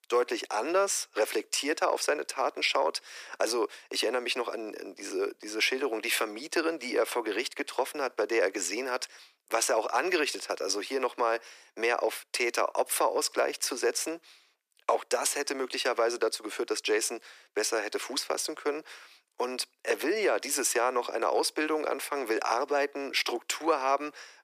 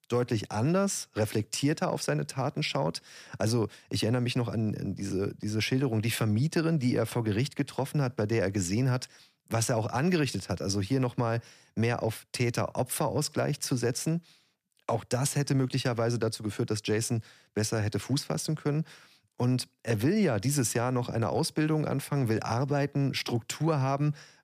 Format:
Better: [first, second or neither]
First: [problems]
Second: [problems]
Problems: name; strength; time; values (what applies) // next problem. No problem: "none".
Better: second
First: thin; very; fading below 350 Hz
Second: none